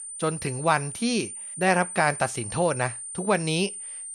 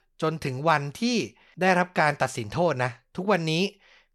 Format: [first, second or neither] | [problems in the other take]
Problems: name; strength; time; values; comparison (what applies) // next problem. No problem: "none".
second | high-pitched whine; loud; throughout; 9 kHz, 8 dB below the speech